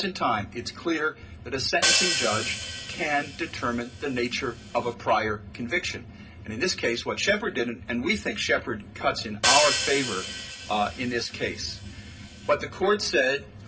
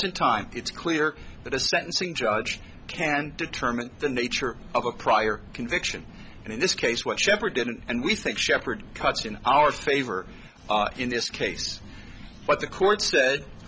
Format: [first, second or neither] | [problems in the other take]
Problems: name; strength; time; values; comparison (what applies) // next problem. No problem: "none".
second | background sound (Hi-hat); 2 dB below the speech // room echo; dies away in 0.4 s